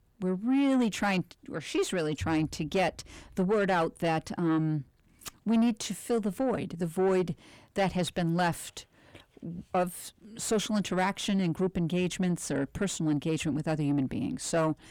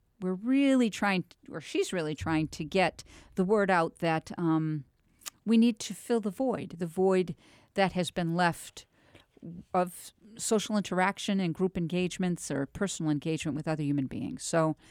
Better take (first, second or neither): second